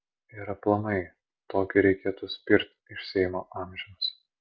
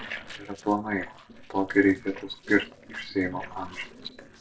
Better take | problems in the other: first | noise reduction (neural separator model SepFormer DNS4)

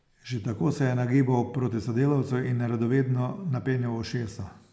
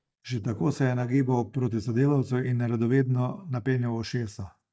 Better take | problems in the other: first | noise reduction (neural mask model DeepFilterNet 3)

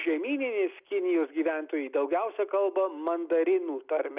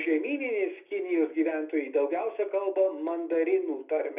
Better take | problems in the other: first | room echo; dies away in 0.3 s

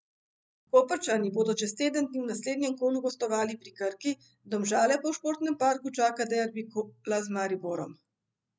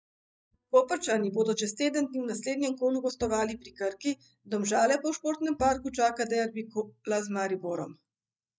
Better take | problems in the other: first | noise reduction (neural mask model DeepFilterNet 3)

